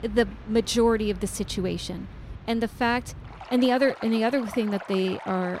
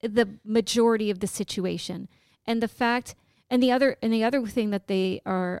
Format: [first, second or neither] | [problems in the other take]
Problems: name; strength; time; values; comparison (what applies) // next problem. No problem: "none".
second | rain or running water; noticeable; throughout; 15 dB below the speech